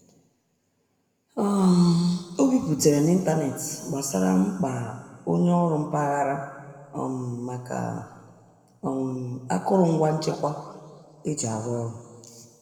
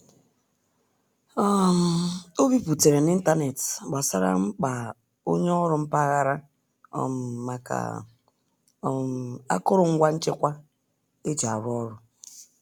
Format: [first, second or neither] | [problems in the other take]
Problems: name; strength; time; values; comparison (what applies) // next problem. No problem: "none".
second | room echo; dies away in 1.9 s